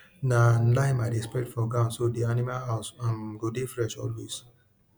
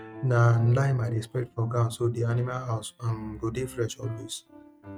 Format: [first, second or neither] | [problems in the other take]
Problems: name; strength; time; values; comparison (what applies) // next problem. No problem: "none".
first | noise reduction (neural mask model RNNoise)